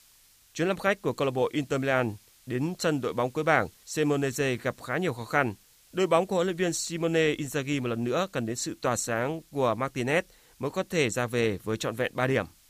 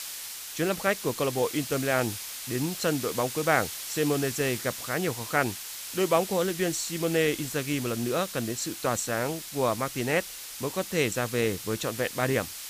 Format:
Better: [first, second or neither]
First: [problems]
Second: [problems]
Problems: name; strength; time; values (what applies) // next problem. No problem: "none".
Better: first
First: hiss; faint; throughout; 30 dB below the speech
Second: hiss; loud; throughout; 7 dB below the speech